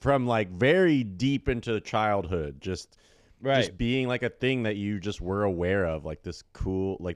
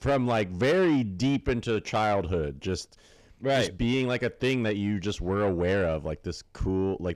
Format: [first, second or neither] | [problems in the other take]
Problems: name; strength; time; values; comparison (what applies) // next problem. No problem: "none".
first | distortion; slight; 10 dB below the speech